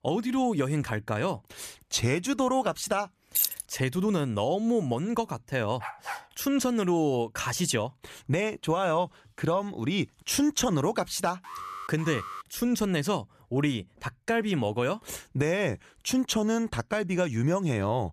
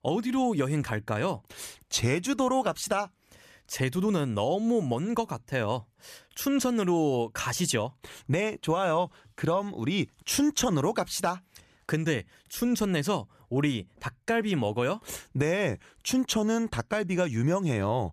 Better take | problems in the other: second | jangling keys; loud; at 3.5 s; peak 3 dB above the speech // dog barking; noticeable; at 6 s; peak 9 dB below the speech // alarm; faint; at 11 s; peak 10 dB below the speech

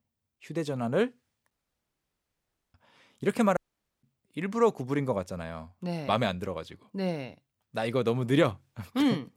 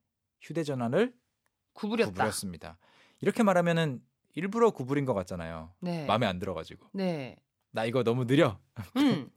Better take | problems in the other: second | audio cutting out; at 1.5 s for 1 s and at 3.5 s

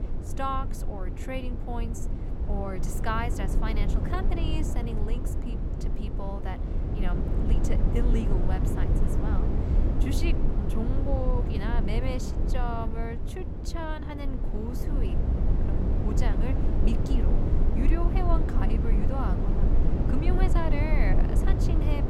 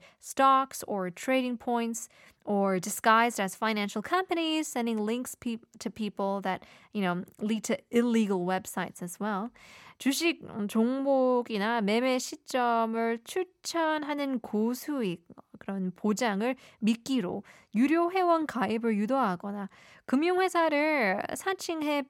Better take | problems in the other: second | low rumble; loud; throughout; 2 dB below the speech

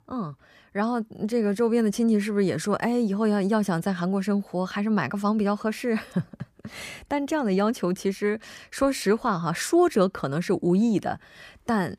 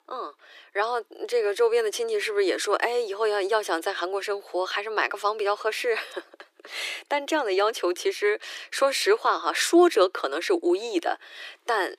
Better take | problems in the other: first | thin; very; fading below 350 Hz

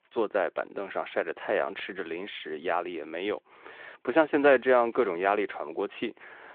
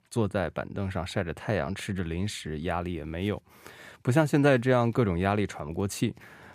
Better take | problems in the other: second | phone-call audio

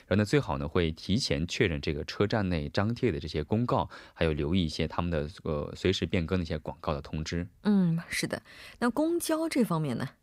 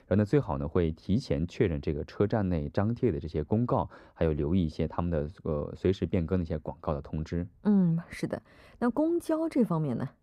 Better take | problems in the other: first | muffled; slightly; fading above 1.5 kHz

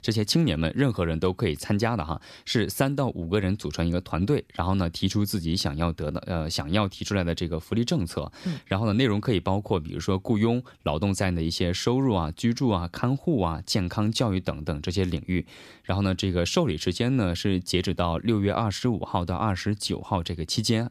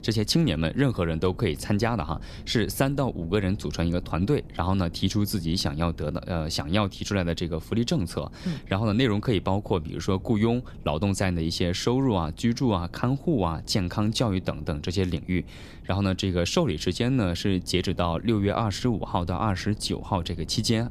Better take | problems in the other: first | wind noise on the microphone; occasional gusts; 25 dB below the speech

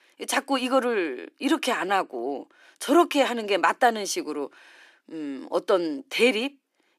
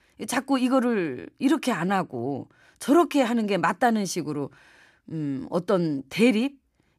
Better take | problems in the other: second | thin; somewhat; fading below 300 Hz

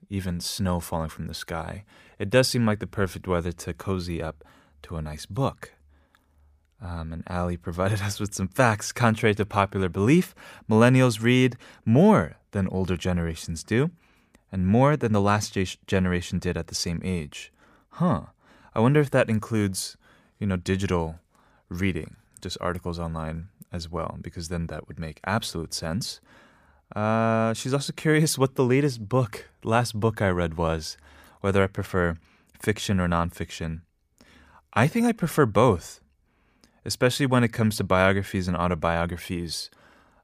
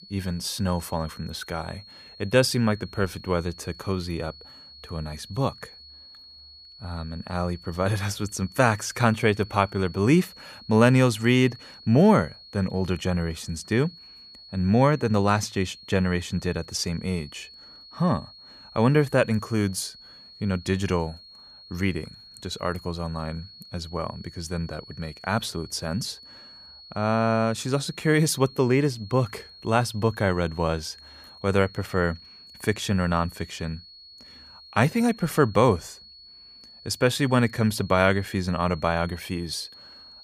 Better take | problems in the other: first | high-pitched whine; noticeable; throughout; 4.5 kHz, 20 dB below the speech

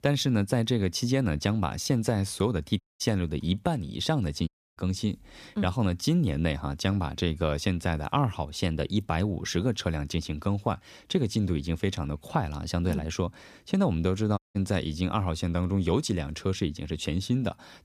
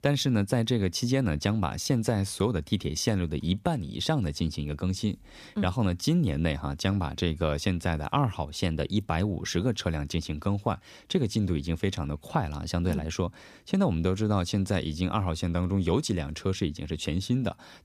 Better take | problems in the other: second | audio cutting out; at 3 s, at 4.5 s and at 14 s

